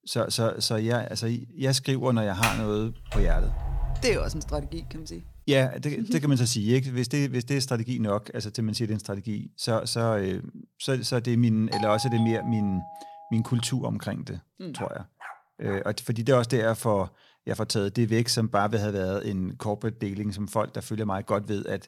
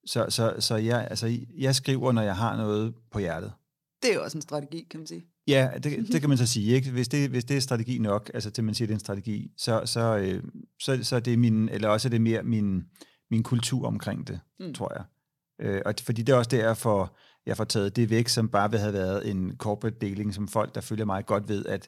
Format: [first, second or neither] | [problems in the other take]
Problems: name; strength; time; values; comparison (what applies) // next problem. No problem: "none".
second | door banging; noticeable; from 2.5 to 5 s; peak 1 dB below the speech // doorbell; noticeable; from 12 to 13 s; peak 4 dB below the speech // dog barking; faint; from 15 to 16 s; peak 15 dB below the speech